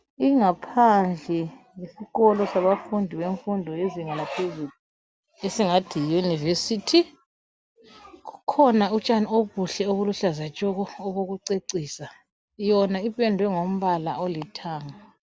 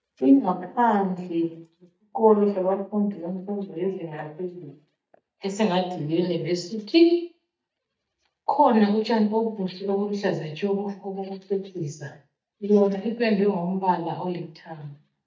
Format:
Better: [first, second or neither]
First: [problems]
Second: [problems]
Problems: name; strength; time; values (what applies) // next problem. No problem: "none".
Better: first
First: none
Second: noise reduction (neural mask model DeepFilterNet 3)